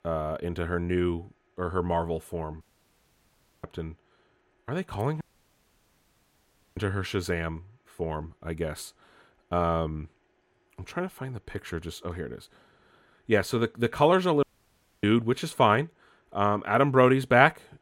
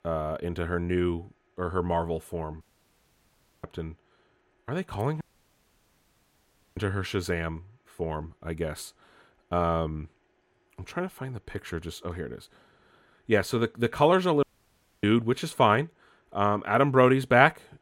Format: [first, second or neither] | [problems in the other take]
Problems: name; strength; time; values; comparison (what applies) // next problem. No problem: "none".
neither | audio cutting out; at 2.5 s for 1 s, at 5 s for 1.5 s and at 14 s for 0.5 s; the same in both